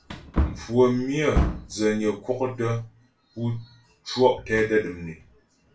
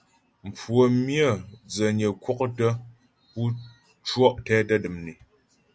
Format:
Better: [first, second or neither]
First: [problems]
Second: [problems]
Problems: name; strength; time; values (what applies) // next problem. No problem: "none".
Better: second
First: background sound (Wood); 6 dB below the speech // room echo; dies away in 0.2 s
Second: none